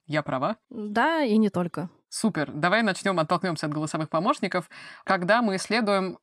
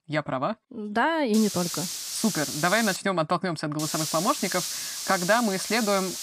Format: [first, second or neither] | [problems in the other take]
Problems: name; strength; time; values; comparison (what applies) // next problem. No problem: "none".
first | hiss; loud; from 1.5 to 3 s and from 4 s on; 4 dB below the speech